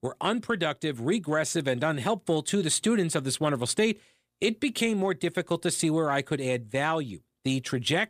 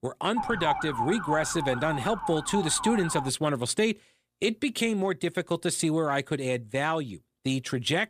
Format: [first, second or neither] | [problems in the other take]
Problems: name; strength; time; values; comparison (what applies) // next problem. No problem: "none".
first | siren; noticeable; until 3.5 s; peak 1 dB below the speech